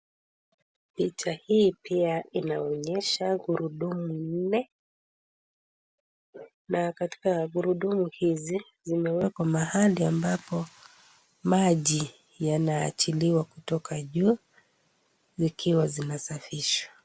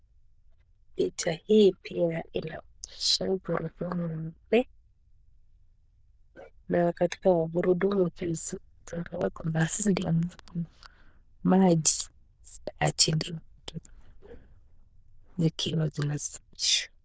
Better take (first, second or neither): first